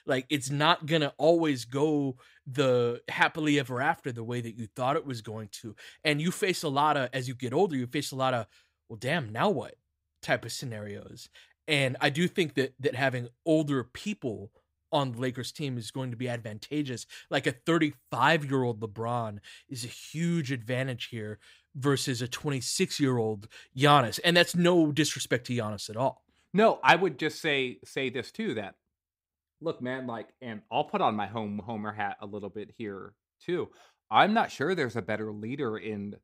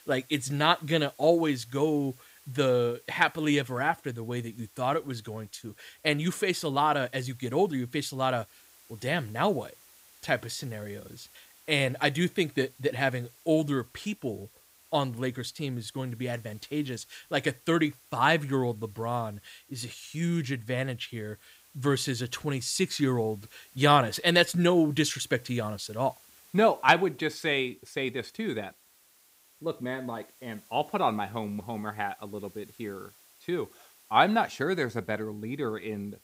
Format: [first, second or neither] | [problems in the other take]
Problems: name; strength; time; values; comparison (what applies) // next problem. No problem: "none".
first | hiss; faint; throughout; 25 dB below the speech